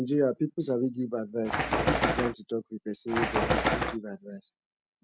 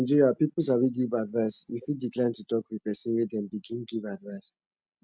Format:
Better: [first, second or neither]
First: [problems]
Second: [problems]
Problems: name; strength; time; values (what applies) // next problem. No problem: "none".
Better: second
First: background sound (Bird); 4 dB above the speech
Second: none